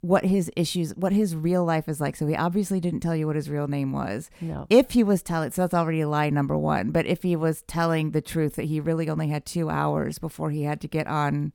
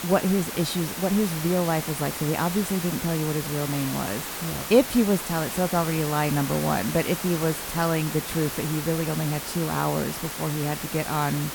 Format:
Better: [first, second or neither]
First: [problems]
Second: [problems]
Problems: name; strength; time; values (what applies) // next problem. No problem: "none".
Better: first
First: none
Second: hiss; loud; throughout; 6 dB below the speech